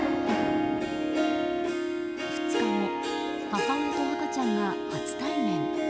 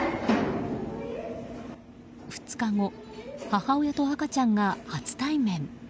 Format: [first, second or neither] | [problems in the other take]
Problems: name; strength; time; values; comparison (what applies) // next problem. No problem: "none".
second | background sound (Harp); 5 dB above the speech